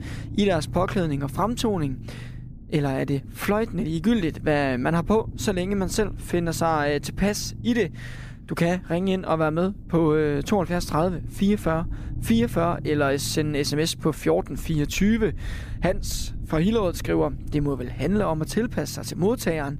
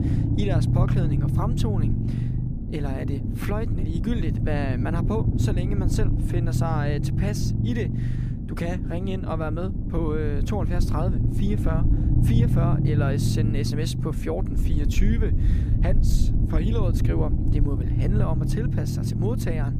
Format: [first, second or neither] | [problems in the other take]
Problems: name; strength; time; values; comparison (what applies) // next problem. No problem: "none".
first | low rumble; loud; throughout; 2 dB below the speech; faint in the first